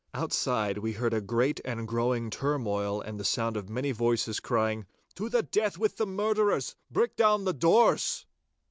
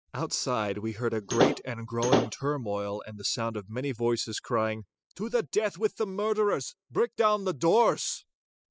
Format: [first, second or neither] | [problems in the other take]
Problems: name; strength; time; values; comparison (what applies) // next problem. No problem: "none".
first | noise reduction (classical method spectral subtraction)